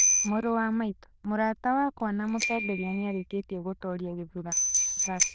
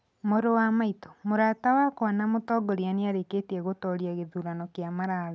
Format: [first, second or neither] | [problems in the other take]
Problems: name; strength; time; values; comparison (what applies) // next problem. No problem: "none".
second | noise reduction (neural diffusion model UNIVERSE++)